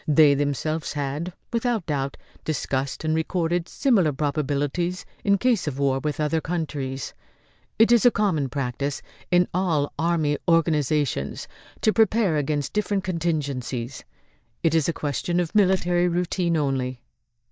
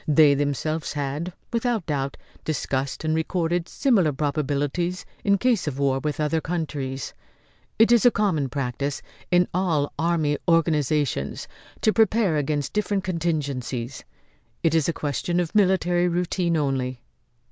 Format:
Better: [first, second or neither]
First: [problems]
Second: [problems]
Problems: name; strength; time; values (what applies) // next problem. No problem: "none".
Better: second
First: noise reduction (neural mask model DeepFilterNet 3)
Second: none